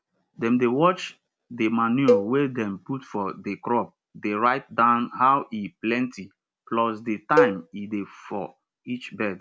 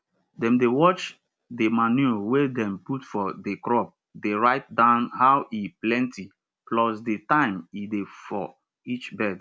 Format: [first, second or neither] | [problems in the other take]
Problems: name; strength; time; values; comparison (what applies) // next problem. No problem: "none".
second | background sound (Cowbell); 2 dB below the speech